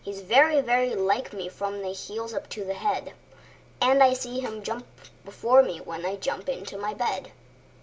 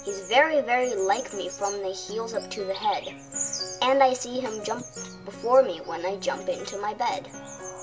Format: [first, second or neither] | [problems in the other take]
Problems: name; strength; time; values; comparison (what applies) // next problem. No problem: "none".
first | background sound (Bird vocalization, bird call, bird song + Piano); 12 dB below the speech